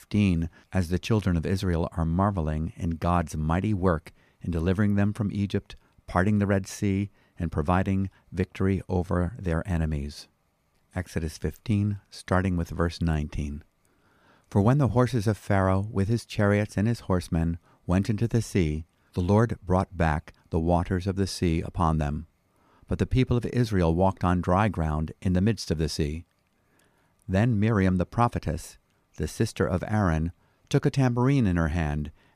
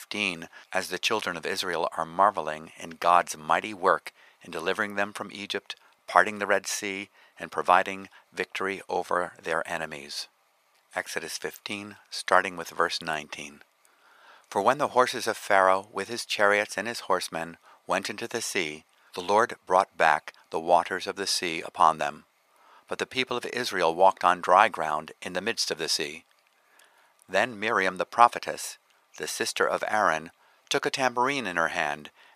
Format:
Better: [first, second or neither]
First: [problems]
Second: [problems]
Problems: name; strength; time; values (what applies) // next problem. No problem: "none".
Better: first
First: none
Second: thin; very; fading below 750 Hz